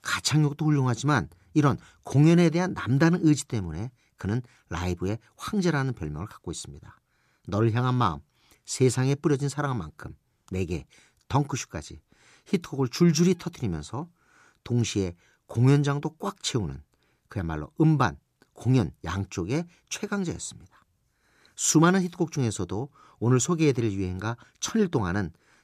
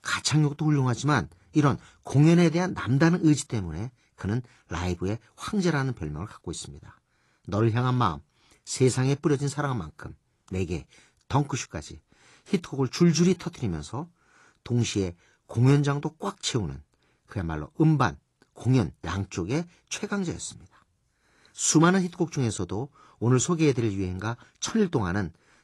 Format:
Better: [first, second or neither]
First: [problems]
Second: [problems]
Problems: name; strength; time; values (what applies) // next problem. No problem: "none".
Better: first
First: none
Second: garbled, watery; slightly